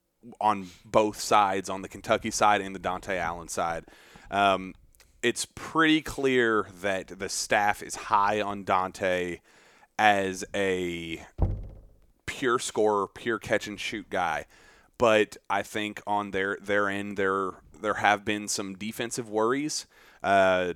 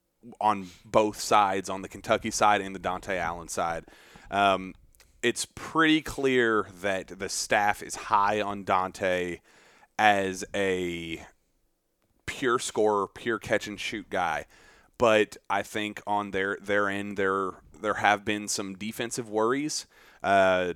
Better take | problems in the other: second | door banging; noticeable; at 11 s; peak 5 dB below the speech

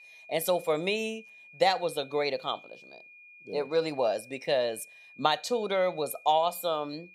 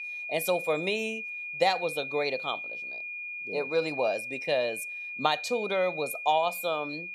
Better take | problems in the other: first | high-pitched whine; loud; throughout; 2.5 kHz, 5 dB below the speech; faint in the first

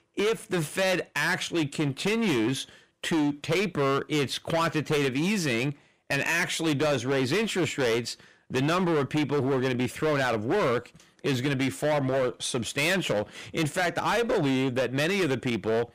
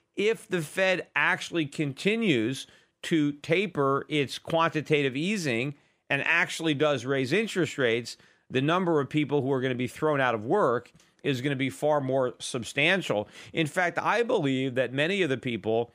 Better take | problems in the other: second | distortion; heavy; 20% of the sound clipped

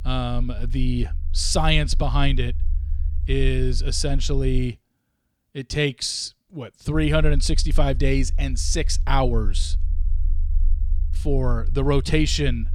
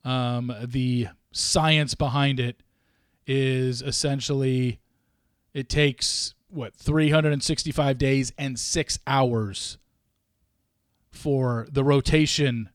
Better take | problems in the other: second | low rumble; faint; until 4.5 s and from 7 s on; 25 dB below the speech

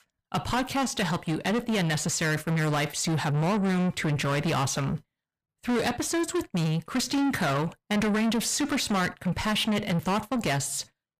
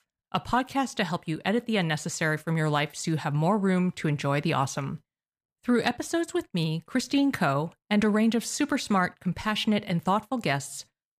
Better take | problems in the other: second | distortion; heavy; 7 dB below the speech

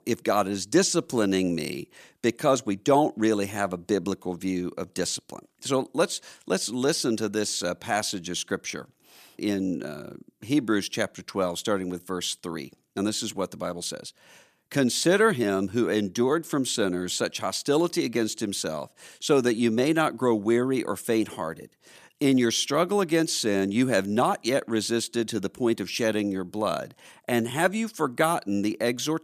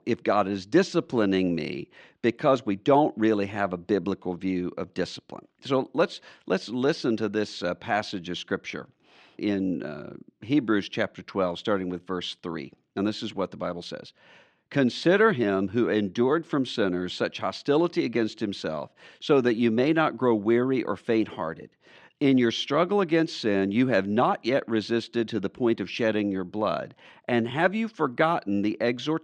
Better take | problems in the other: first | muffled; slightly; fading above 3.5 kHz

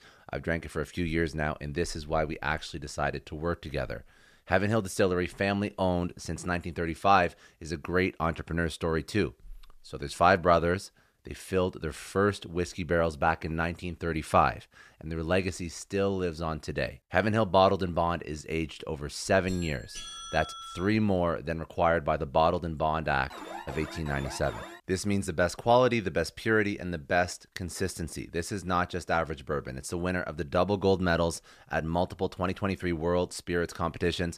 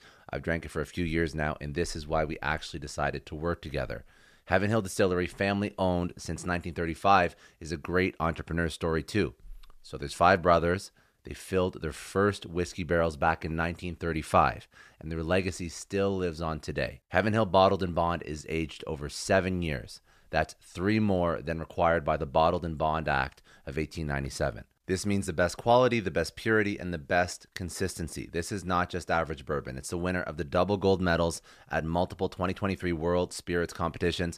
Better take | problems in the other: second | doorbell; noticeable; from 19 to 21 s; peak 10 dB below the speech // alarm; faint; from 23 to 25 s; peak 10 dB below the speech

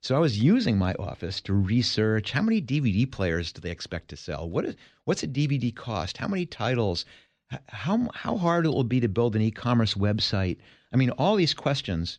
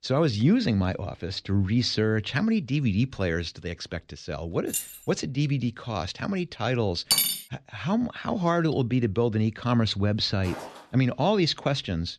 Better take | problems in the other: first | jangling keys; noticeable; at 4.5 s; peak 4 dB below the speech // clattering dishes; loud; at 7 s; peak 5 dB above the speech // footsteps; faint; at 10 s; peak 15 dB below the speech

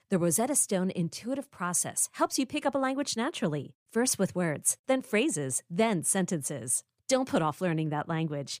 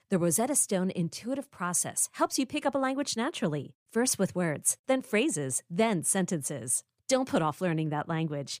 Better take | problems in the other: neither | none

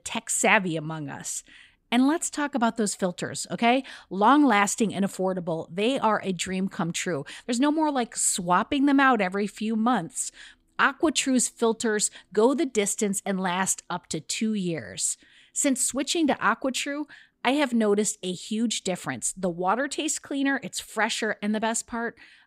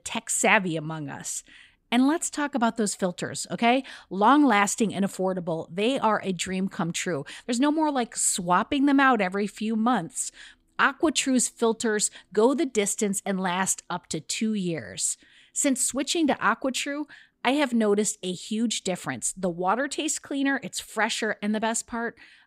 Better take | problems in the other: neither | none

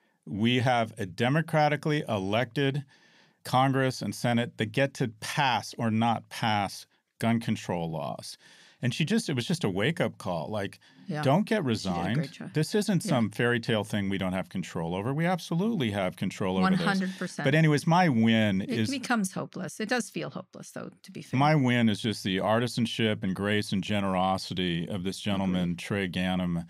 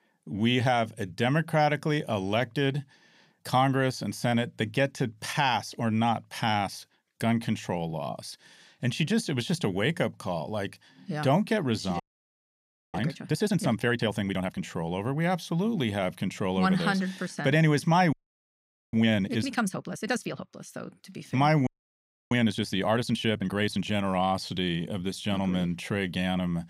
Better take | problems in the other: first | audio freezing; at 12 s for 1 s, at 18 s for 1 s and at 22 s for 0.5 s

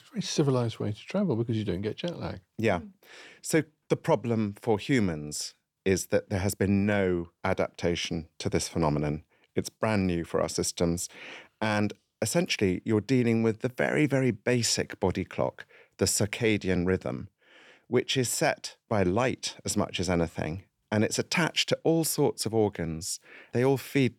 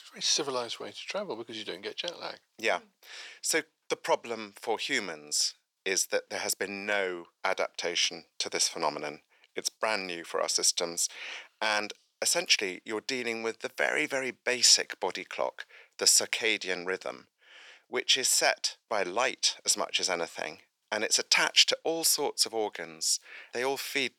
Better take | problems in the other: first | thin; very; fading below 650 Hz

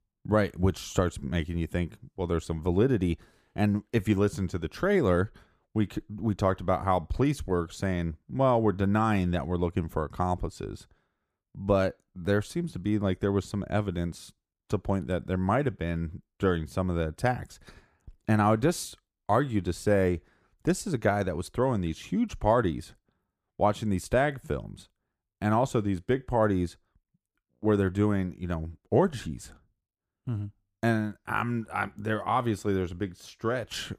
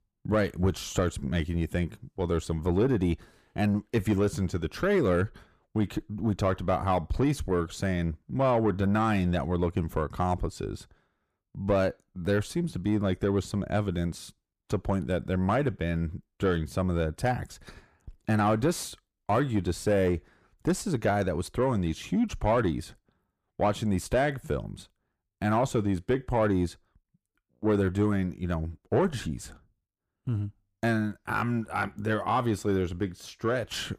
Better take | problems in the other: first | distortion; slight; 10 dB below the speech

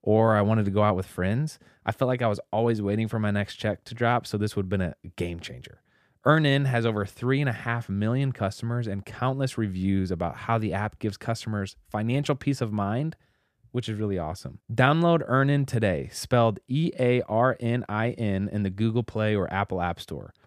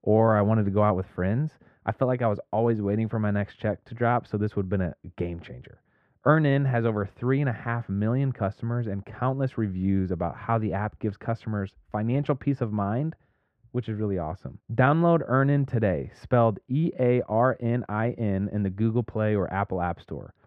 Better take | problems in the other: first | muffled; very; fading above 4 kHz

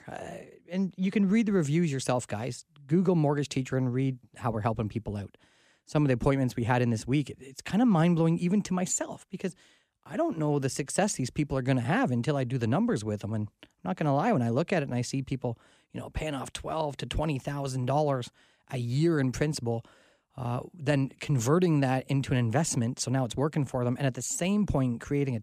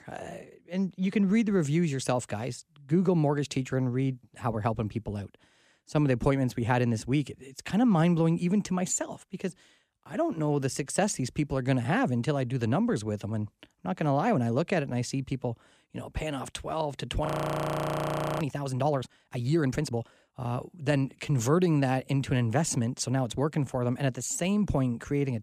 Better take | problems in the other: first | audio freezing; at 17 s for 1 s

